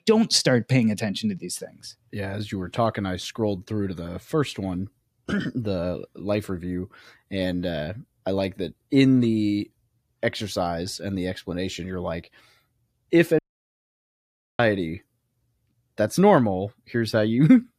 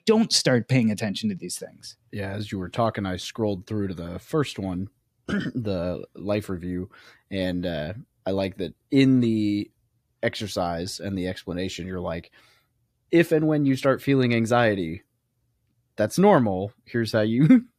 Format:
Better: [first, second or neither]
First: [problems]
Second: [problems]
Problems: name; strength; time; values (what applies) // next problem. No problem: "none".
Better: second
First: audio cutting out; at 13 s for 1 s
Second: none